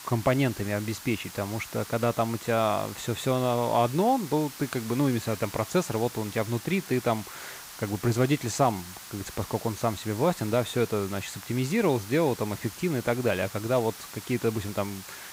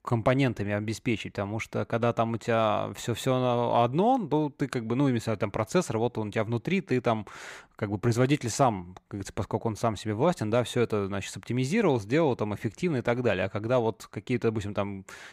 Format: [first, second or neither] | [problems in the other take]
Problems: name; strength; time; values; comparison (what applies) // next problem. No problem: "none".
second | hiss; noticeable; throughout; 15 dB below the speech